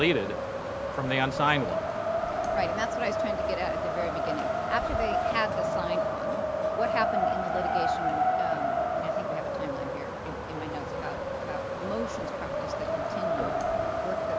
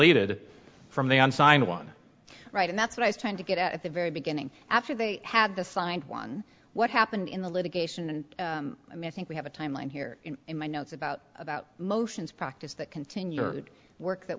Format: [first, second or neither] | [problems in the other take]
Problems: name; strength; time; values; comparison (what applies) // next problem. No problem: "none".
second | background sound (Wind); 5 dB above the speech